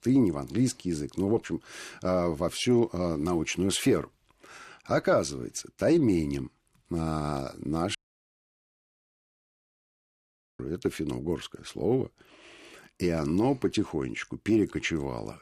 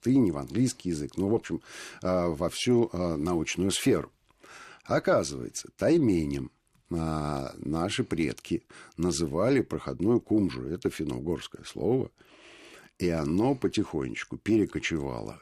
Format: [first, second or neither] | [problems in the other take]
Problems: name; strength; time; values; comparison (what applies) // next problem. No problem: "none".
second | audio cutting out; at 8 s for 2.5 s